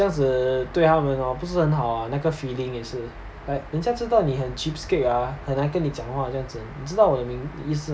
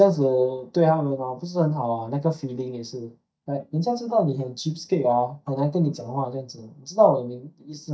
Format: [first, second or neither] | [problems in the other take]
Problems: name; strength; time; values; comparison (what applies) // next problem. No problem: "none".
first | noise reduction (neural mask model DeepFilterNet 3)